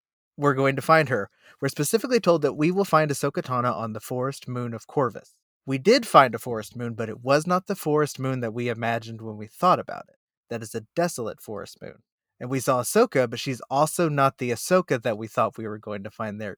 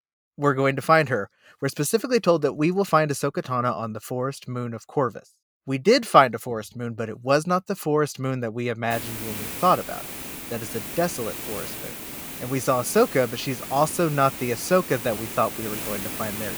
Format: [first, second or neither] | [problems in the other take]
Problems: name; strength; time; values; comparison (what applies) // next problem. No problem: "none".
first | hiss; loud; from 9 s on; 9 dB below the speech